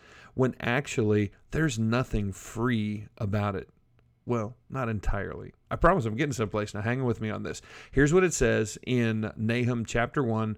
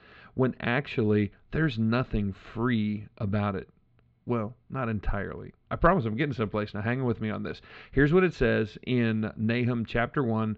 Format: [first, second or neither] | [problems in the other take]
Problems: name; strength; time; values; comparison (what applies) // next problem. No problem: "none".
first | muffled; very slightly; fading above 4 kHz